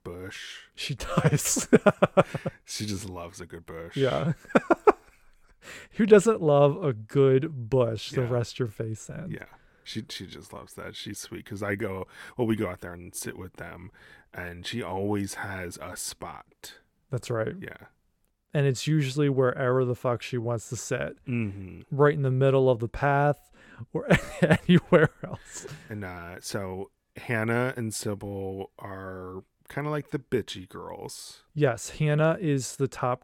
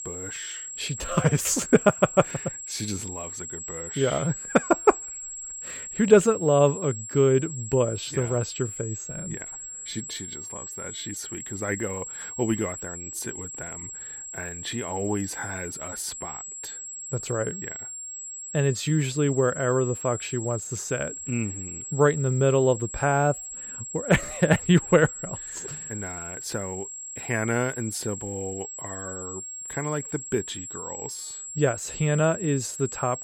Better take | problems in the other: first | high-pitched whine; loud; throughout; 7.5 kHz, 9 dB below the speech

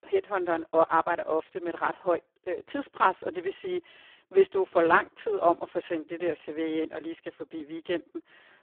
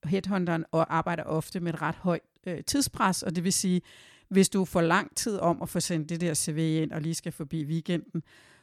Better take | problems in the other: second | phone-call audio; poor line

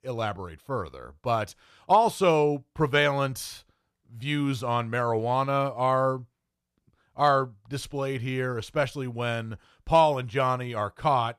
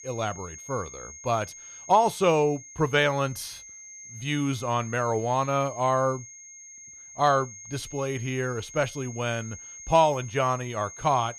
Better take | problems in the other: first | high-pitched whine; noticeable; throughout; 6.5 kHz, 15 dB below the speech

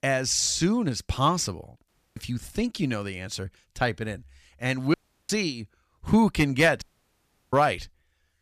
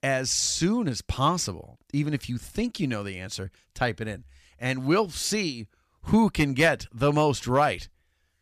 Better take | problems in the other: second | audio cutting out; at 2 s, at 5 s and at 7 s for 0.5 s

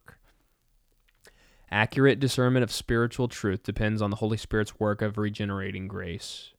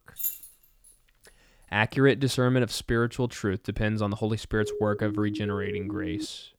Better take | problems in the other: first | jangling keys; noticeable; at the start; peak 3 dB below the speech // siren; noticeable; from 4.5 s on; peak 6 dB below the speech

